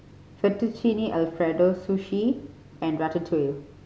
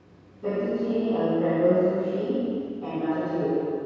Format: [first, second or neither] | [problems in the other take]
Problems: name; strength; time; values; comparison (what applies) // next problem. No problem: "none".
first | room echo; dies away in 2.2 s